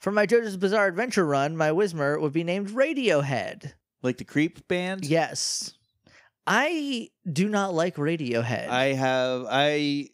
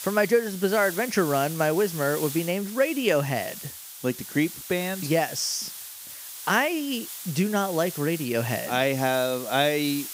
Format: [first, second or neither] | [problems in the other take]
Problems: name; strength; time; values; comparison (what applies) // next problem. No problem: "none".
first | hiss; noticeable; throughout; 10 dB below the speech